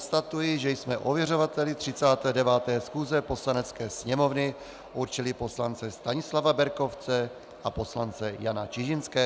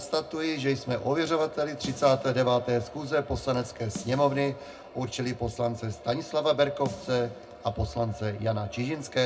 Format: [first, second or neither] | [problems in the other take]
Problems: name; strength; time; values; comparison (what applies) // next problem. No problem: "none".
first | background sound (Snare drum); 19 dB below the speech // room echo; dies away in 0.2 s